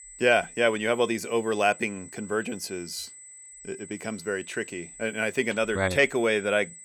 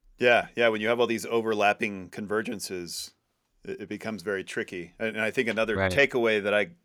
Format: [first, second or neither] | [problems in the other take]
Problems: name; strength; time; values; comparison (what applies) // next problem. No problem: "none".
second | high-pitched whine; noticeable; throughout; 8 kHz, 15 dB below the speech